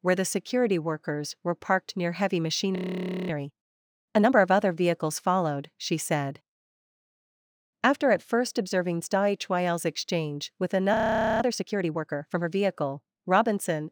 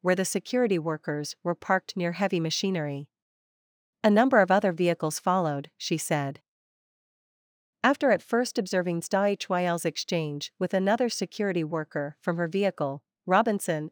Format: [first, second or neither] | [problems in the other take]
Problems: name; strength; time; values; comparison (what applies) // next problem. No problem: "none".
second | audio freezing; at 3 s for 0.5 s and at 11 s